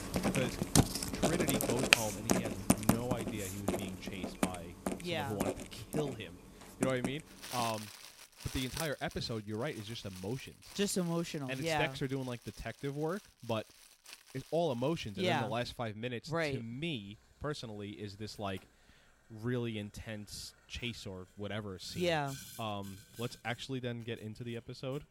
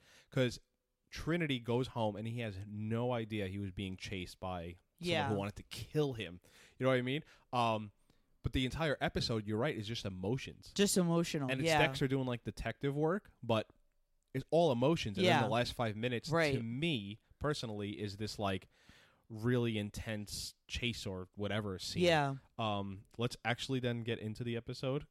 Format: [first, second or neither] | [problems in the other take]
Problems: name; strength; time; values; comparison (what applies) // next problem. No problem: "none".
second | household noises; very loud; throughout; 4 dB above the speech